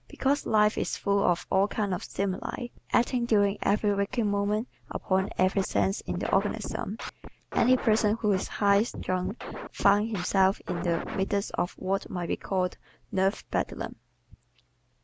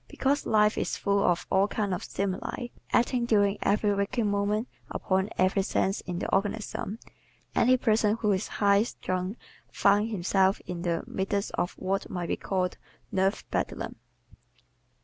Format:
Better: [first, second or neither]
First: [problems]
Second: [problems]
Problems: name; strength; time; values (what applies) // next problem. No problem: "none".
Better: second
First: background sound (Scratching (performance technique)); 10 dB below the speech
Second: none